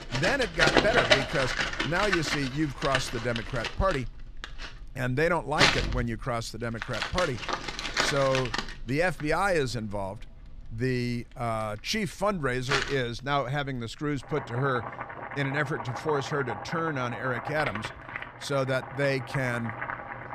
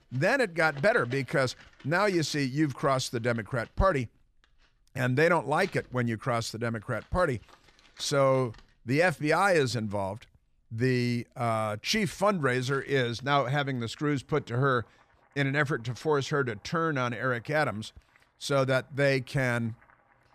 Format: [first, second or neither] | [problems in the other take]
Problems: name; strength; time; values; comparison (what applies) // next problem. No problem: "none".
second | household noises; loud; throughout; 1 dB below the speech; faint in the second